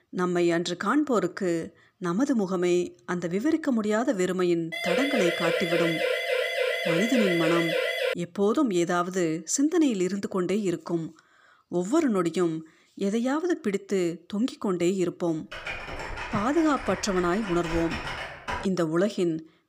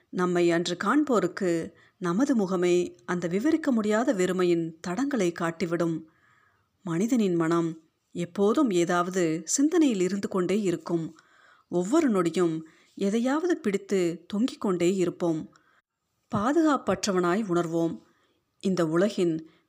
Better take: second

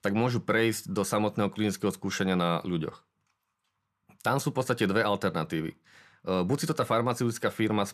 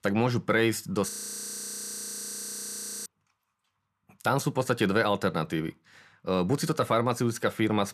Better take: first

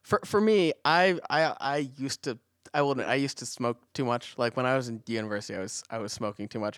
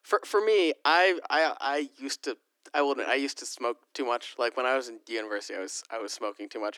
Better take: first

